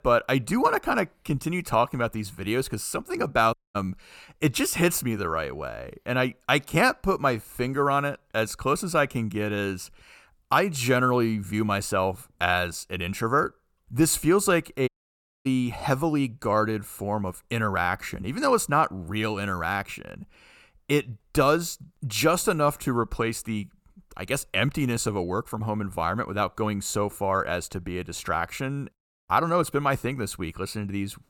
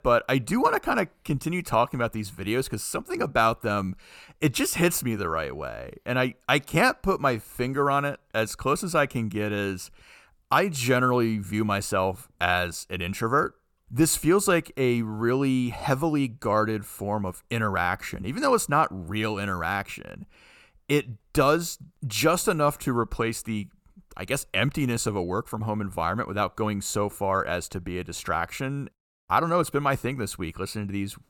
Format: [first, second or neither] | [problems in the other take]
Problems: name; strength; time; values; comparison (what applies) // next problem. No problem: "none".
second | audio cutting out; at 3.5 s and at 15 s for 0.5 s